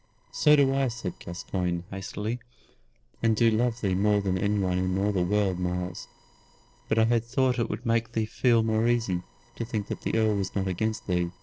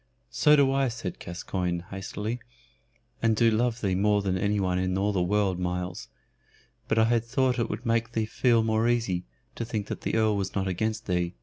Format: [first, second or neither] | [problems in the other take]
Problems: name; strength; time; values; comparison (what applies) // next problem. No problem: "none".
second | noise reduction (neural separator model SepFormer DNS4)